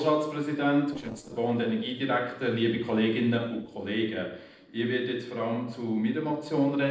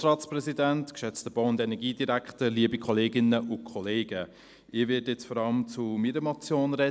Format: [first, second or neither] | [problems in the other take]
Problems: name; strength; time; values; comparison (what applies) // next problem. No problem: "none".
second | noise reduction (neural separator model SepFormer DNS4)